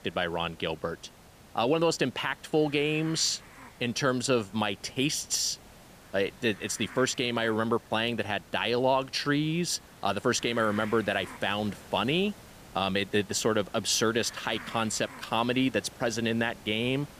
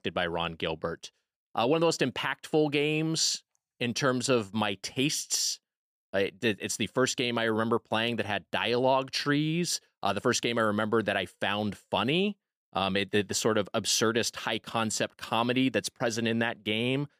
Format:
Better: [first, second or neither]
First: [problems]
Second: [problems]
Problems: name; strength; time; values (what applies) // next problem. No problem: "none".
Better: second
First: hiss; faint; throughout; 20 dB below the speech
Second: none